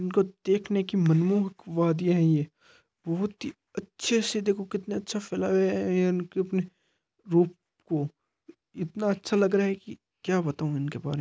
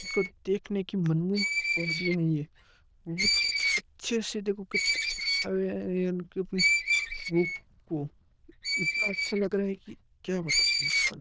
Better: first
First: none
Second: noise reduction (neural diffusion model UNIVERSE++)

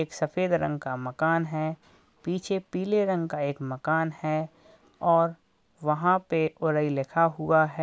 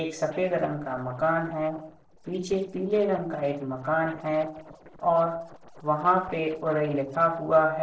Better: first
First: none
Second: noise reduction (neural separator model SepFormer DNS4)

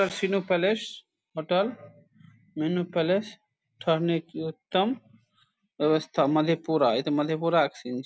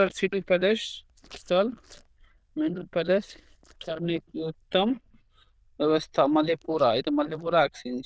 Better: first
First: none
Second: noise reduction (neural diffusion model UNIVERSE++)

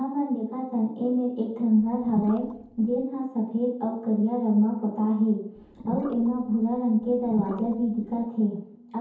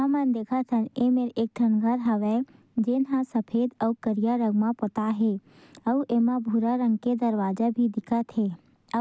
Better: second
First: background sound (Gurgling / Liquid); 12 dB below the speech // room echo; dies away in 0.7 s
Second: none

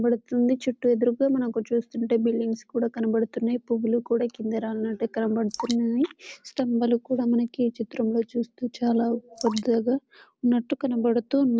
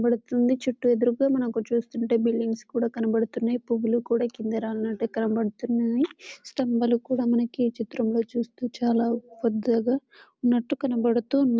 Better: second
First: background sound (Drip); 17 dB below the speech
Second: none

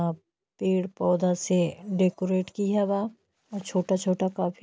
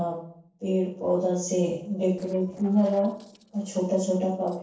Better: first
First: none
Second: noise reduction (neural separator model SepFormer DNS4)

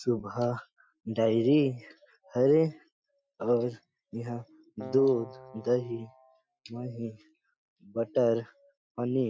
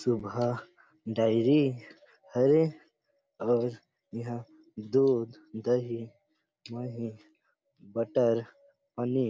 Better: second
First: noise reduction (classical method Wiener filter)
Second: none

